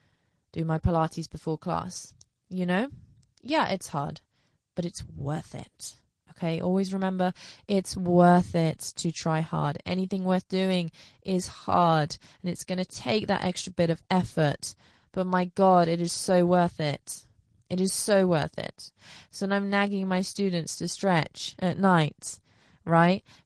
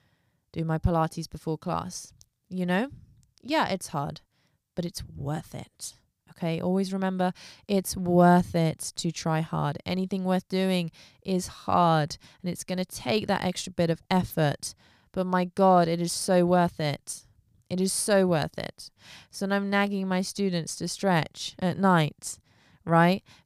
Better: second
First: garbled, watery; slightly; nothing above 15.5 kHz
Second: none

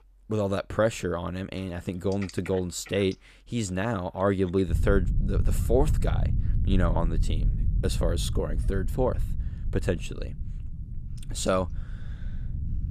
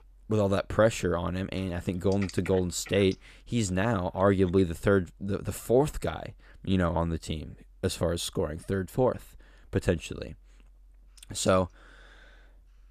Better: second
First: low rumble; noticeable; from 4.5 s on; 15 dB below the speech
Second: none

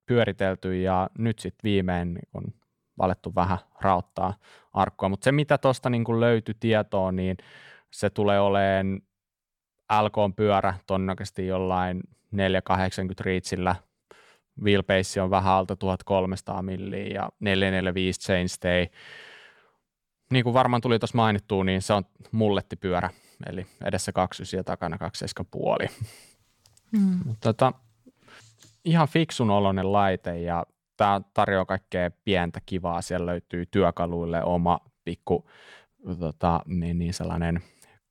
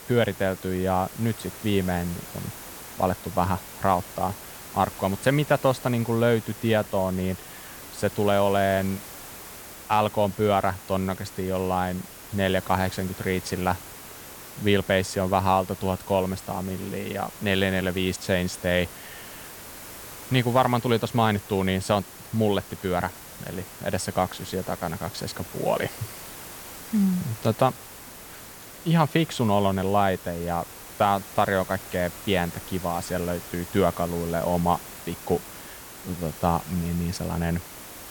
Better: first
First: none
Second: hiss; noticeable; throughout; 15 dB below the speech

